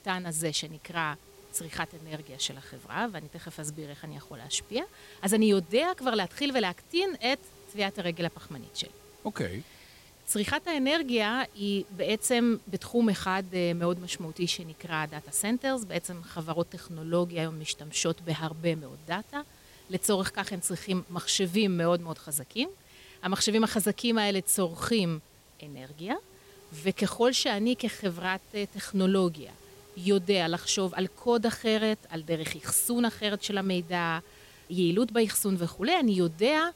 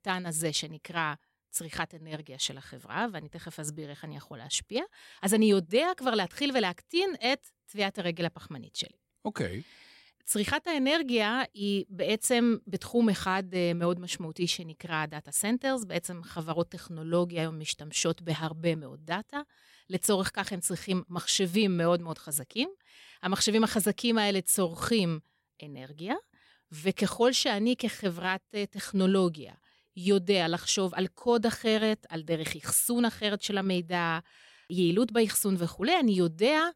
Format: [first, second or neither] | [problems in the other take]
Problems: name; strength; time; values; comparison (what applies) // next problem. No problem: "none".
second | hiss; faint; throughout; 25 dB below the speech